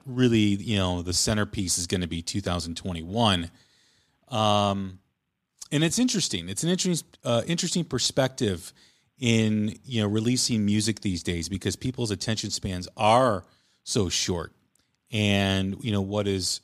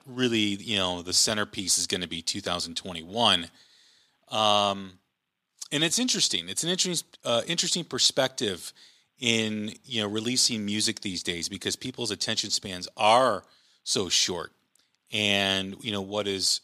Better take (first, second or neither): first